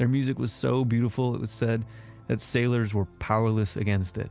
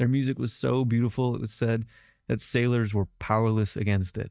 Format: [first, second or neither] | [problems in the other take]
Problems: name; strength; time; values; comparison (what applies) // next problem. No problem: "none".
first | noise reduction (neural mask model DeepFilterNet 3)